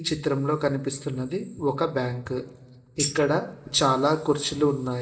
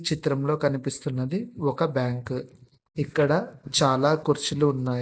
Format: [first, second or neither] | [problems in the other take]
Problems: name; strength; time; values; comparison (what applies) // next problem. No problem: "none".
second | background sound (Tambourine); 6 dB below the speech // room echo; dies away in 2.7 s